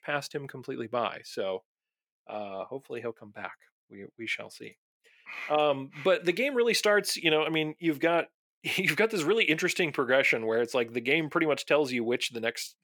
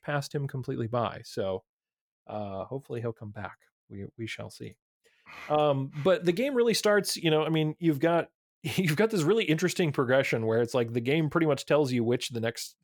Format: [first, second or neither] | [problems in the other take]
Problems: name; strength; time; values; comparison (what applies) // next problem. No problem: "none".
second | thin; very slightly; fading below 250 Hz